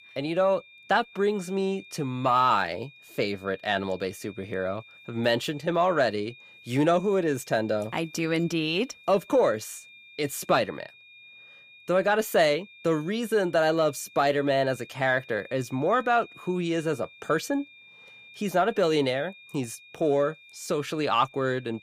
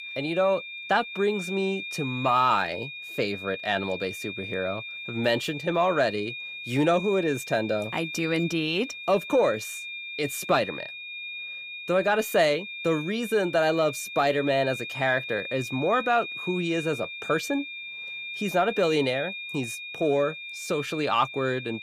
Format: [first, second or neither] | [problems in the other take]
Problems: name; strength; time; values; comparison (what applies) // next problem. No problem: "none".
first | high-pitched whine; loud; throughout; 2.5 kHz, 8 dB below the speech; faint in the first